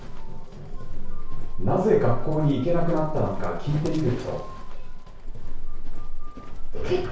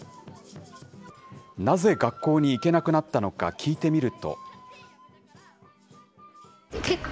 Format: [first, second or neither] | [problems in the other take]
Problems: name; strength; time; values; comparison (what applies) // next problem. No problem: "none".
second | background sound (Livestock, farm animals, working animals); 3 dB above the speech // room echo; dies away in 0.6 s